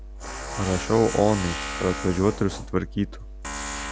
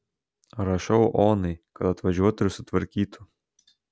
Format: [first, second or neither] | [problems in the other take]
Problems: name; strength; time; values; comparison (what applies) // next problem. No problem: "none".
second | background sound (Tools); 8 dB below the speech